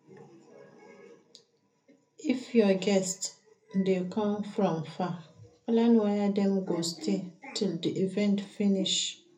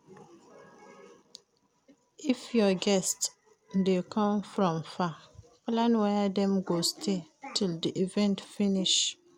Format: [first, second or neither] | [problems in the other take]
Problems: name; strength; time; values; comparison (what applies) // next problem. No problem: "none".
second | room echo; dies away in 0.3 s